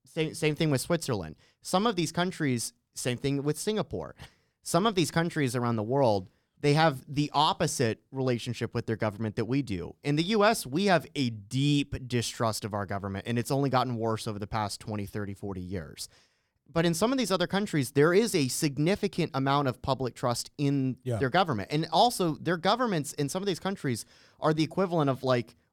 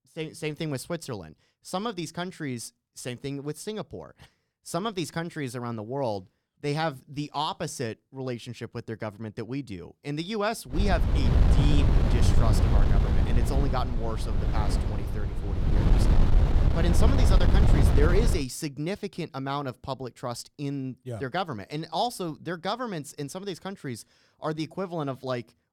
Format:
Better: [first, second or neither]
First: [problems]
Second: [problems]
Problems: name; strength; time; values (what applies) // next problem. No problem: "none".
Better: first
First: none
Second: wind noise on the microphone; heavy; from 11 to 18 s; 2 dB below the speech